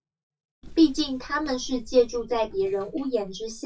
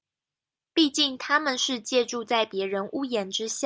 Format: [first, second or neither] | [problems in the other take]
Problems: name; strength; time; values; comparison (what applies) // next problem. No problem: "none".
second | noise reduction (classical method WPE with log-MMSE)